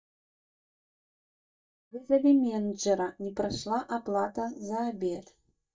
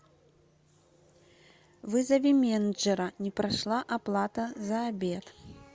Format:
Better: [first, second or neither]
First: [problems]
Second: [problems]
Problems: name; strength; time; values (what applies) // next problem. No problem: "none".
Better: second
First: noise reduction (neural mask model DeepFilterNet 3)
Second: none